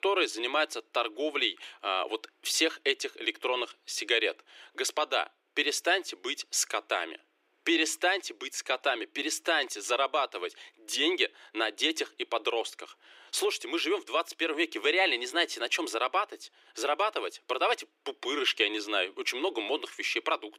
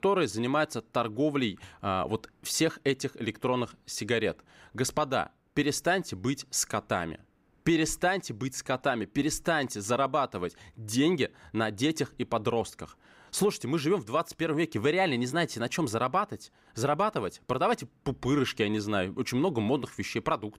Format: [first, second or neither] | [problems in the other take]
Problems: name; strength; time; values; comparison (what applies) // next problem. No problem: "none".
second | thin; very; fading below 350 Hz